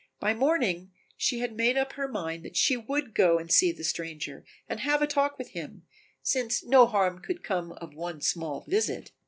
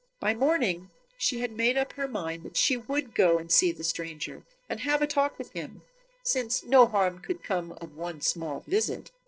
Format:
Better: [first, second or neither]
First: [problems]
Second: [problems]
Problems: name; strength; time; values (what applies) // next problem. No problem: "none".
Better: first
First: none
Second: noise reduction (neural separator model SepFormer DNS4)